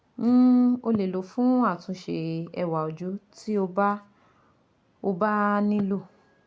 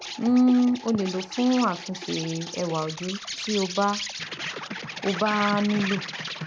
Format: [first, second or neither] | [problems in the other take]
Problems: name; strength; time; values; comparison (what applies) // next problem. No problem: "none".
first | background sound (Insect); 9 dB below the speech